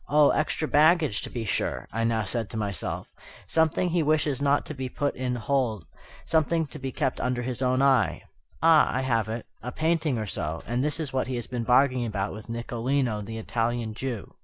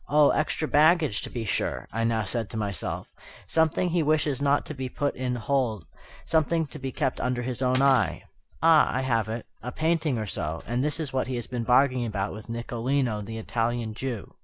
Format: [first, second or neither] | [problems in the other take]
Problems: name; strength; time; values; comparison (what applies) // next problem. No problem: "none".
first | background sound (Cutlery, silverware); 19 dB below the speech